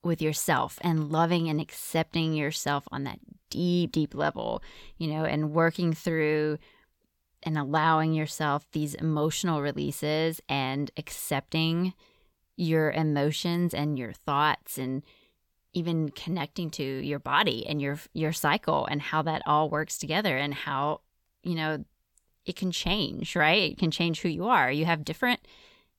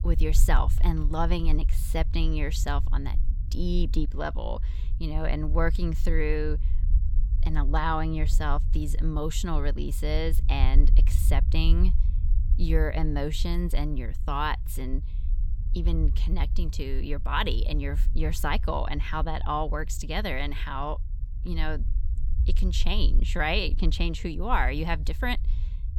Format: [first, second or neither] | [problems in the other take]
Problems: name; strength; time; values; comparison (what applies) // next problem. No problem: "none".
first | low rumble; noticeable; throughout; 20 dB below the speech